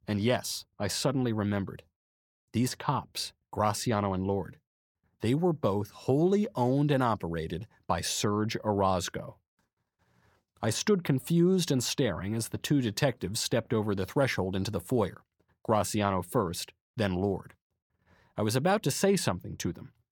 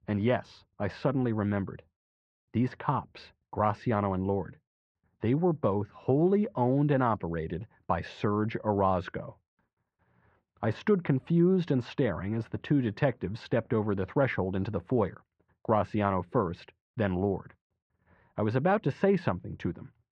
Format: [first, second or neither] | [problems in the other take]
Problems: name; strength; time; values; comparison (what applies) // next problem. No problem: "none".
first | muffled; very; fading above 2.5 kHz